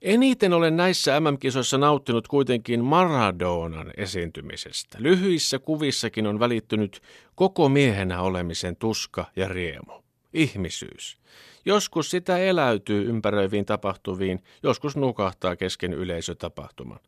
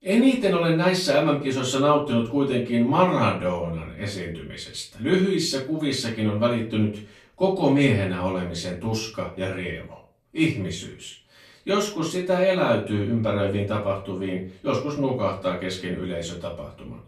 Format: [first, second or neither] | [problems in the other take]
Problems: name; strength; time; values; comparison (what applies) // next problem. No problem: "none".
first | room echo; slight; dies away in 0.3 s // off-mic speech; far